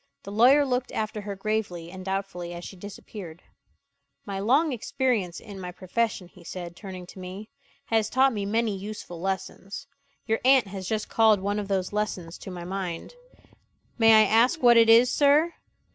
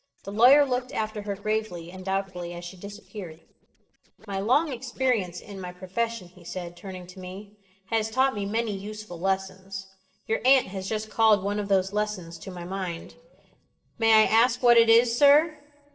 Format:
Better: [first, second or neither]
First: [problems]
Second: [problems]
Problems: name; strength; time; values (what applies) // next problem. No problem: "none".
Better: first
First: none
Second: noise reduction (neural separator model SepFormer DNS4)